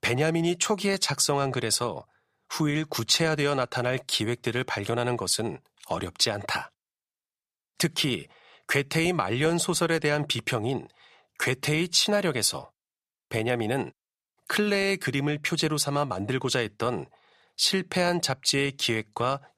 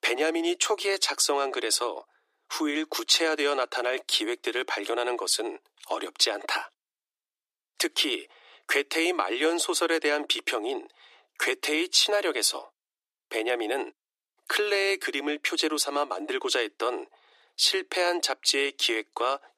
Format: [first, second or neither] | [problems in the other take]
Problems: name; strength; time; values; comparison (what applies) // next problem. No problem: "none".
first | thin; somewhat; fading below 300 Hz